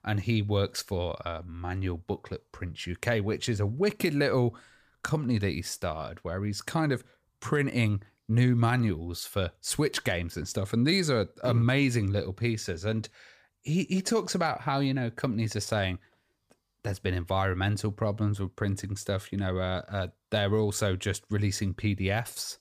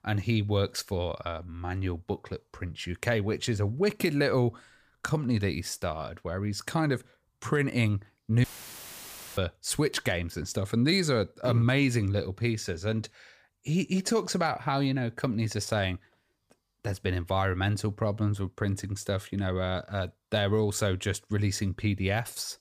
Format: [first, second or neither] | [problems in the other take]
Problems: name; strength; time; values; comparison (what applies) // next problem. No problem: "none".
first | audio cutting out; filled with static; at 8.5 s for 1 s